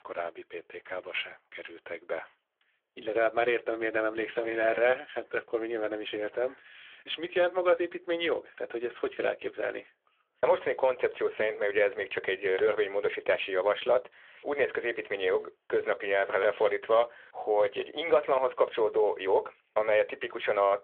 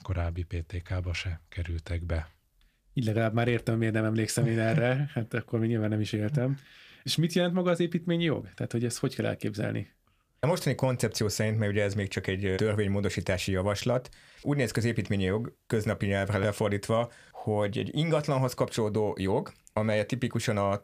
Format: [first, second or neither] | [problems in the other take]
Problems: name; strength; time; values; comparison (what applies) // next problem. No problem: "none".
second | phone-call audio; nothing above 3.5 kHz